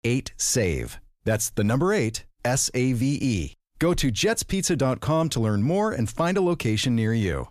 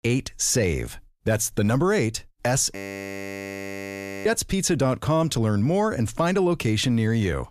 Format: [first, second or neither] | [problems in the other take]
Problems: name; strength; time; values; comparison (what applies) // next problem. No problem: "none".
first | audio freezing; at 3 s for 1.5 s